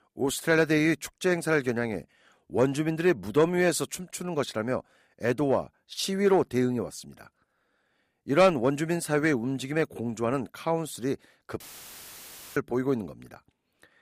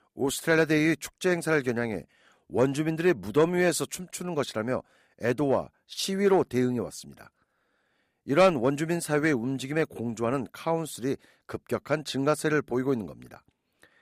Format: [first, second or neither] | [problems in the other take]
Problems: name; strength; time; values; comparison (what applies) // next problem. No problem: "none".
second | audio cutting out; filled with static; at 12 s for 1 s